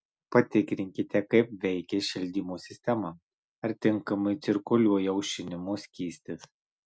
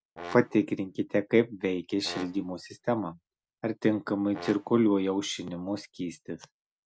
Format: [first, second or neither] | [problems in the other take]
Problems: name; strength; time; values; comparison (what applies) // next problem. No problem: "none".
first | background sound (Brass instrument); 19 dB below the speech